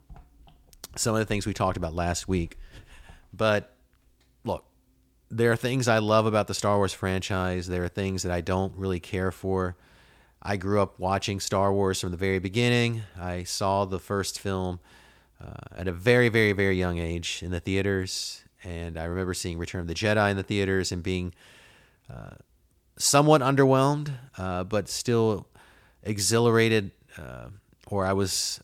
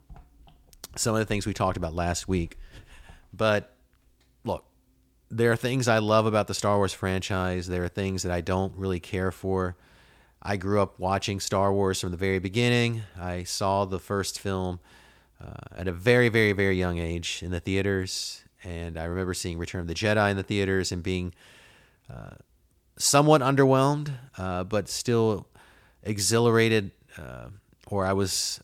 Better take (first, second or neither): neither